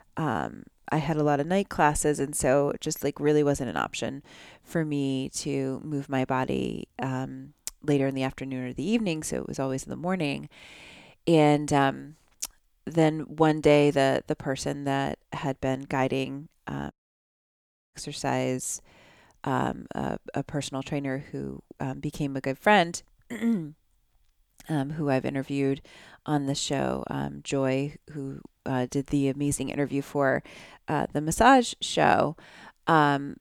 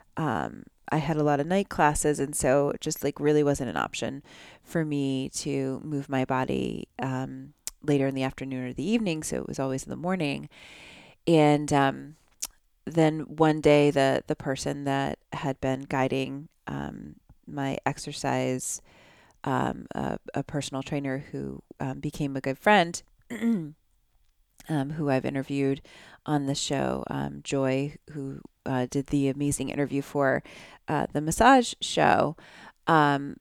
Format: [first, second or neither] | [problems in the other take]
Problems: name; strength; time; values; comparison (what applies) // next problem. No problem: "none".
second | audio cutting out; at 17 s for 1 s